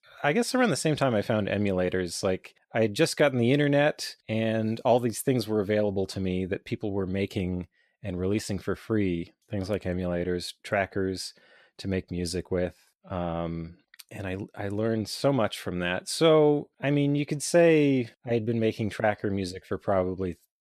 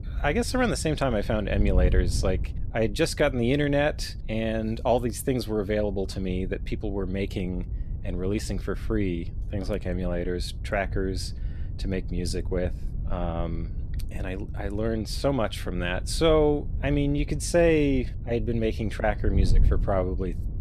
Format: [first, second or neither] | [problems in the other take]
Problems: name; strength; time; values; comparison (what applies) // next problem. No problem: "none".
first | wind noise on the microphone; occasional gusts; 20 dB below the speech